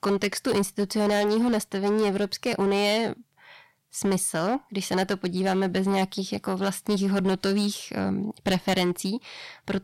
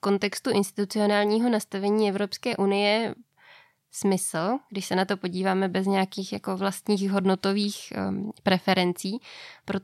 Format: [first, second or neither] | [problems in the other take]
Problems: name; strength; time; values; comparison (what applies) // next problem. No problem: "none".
second | distortion; slight; 9% of the sound clipped